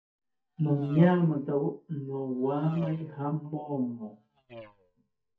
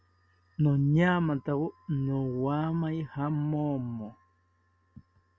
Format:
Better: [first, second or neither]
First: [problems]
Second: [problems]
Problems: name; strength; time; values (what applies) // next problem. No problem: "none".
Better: second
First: noise reduction (neural mask model DeepFilterNet 3)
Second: none